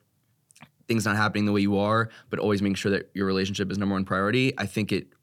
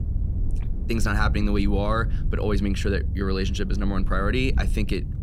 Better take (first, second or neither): first